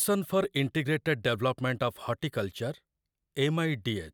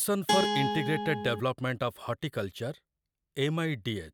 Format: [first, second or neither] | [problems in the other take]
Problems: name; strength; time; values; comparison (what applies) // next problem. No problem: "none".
first | background sound (Guitar); 2 dB above the speech